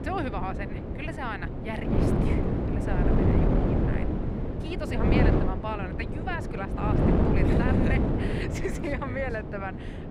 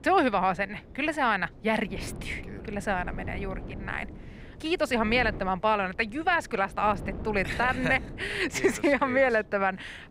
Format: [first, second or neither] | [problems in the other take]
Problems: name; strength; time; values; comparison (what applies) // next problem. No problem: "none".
second | wind noise on the microphone; heavy; 2 dB above the speech; occasional gusts in the second